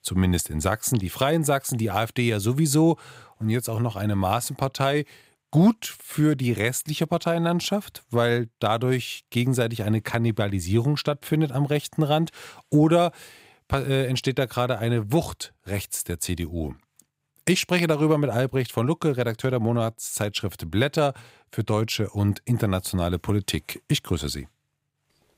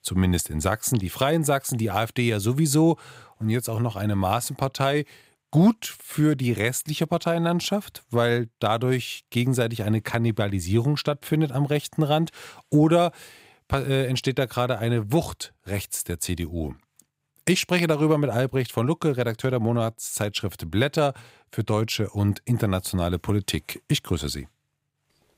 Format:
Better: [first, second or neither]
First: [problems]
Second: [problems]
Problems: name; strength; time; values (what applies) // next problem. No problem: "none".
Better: neither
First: none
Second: none